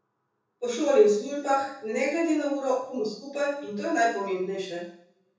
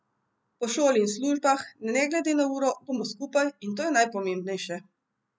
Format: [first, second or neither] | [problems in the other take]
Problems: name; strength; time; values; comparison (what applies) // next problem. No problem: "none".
second | room echo; dies away in 0.6 s